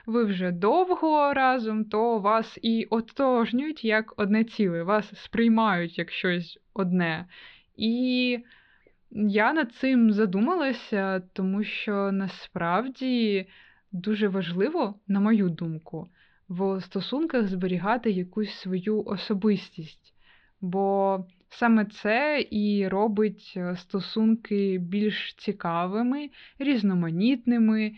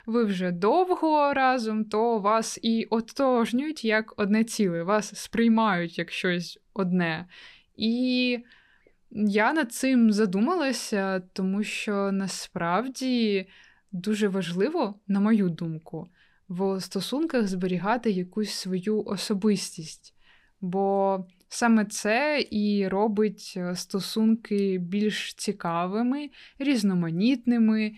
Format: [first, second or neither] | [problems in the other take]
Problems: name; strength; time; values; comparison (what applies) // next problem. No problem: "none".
second | muffled; very slightly; fading above 4 kHz